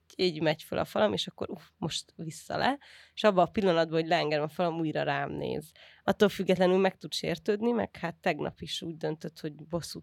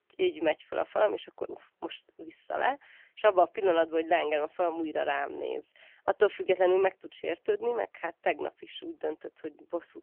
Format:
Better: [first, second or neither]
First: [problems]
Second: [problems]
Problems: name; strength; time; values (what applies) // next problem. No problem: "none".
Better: first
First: none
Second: phone-call audio; nothing above 3 kHz